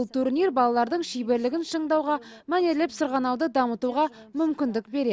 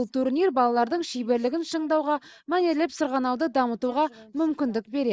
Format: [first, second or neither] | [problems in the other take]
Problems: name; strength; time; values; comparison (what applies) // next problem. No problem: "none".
first | noise reduction (neural mask model Resemble Enhance denoiser)